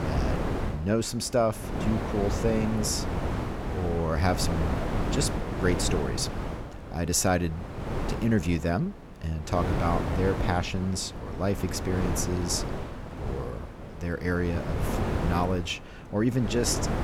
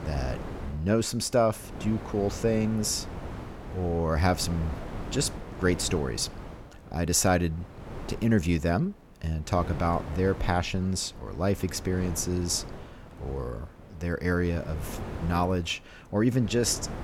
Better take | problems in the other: second | wind noise on the microphone; heavy; 5 dB below the speech; occasional gusts in the second

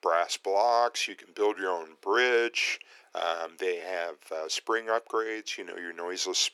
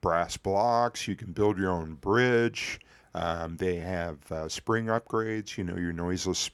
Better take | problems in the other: second | thin; very; fading below 350 Hz

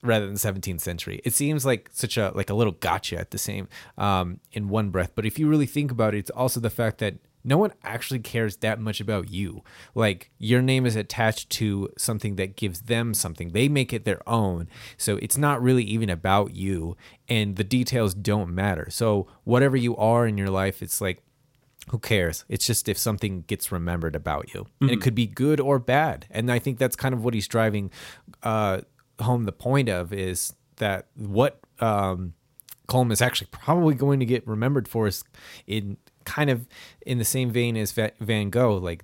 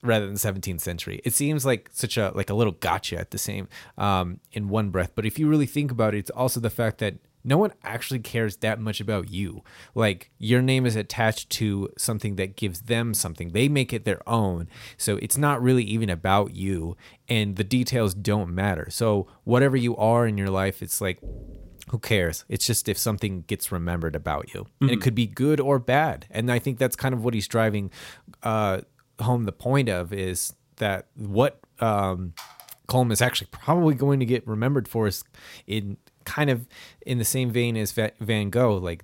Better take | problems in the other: first | door banging; faint; at 21 s; peak 15 dB below the speech // phone ringing; faint; at 32 s; peak 20 dB below the speech

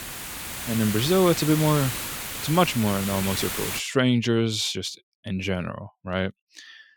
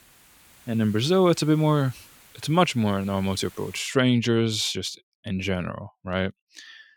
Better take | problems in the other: second | hiss; loud; until 4 s; 5 dB below the speech; faint in the second

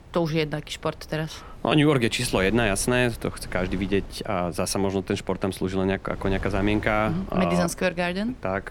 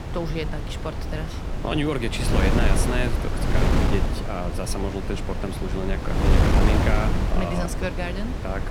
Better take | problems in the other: first | wind noise on the microphone; heavy; 1 dB below the speech; occasional gusts in the first

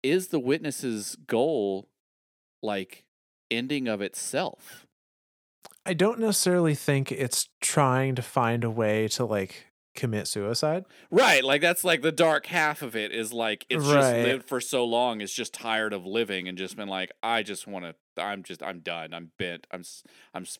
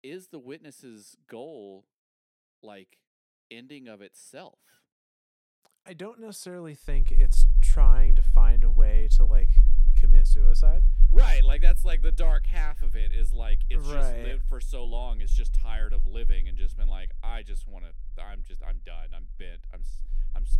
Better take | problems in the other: first | low rumble; noticeable; from 7 s on; 10 dB below the speech

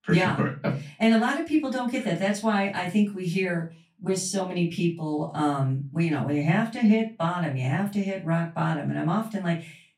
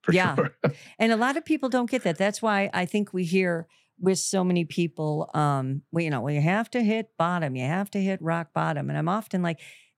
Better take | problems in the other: second | off-mic speech; far // room echo; very slight; dies away in 0.2 s

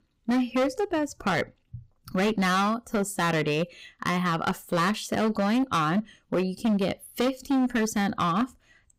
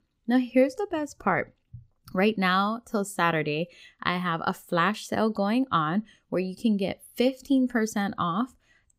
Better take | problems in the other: second | distortion; heavy; 14% of the sound clipped

